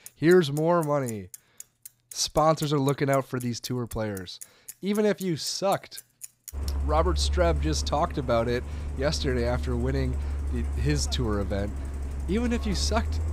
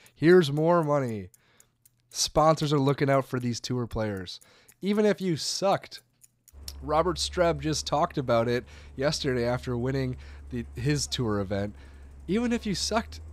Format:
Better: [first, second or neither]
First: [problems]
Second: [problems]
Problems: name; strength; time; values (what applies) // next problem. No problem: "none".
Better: second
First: traffic noise; loud; throughout; 7 dB below the speech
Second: traffic noise; faint; throughout; 20 dB below the speech